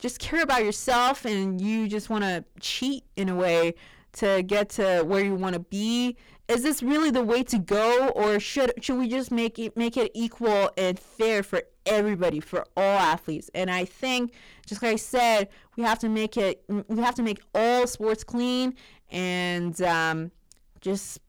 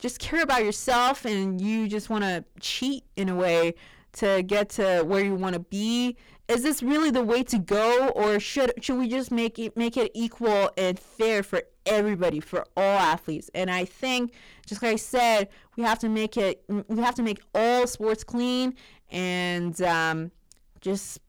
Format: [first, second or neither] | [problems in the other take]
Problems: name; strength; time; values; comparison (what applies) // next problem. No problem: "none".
neither | distortion; heavy; 14% of the sound clipped; the same in both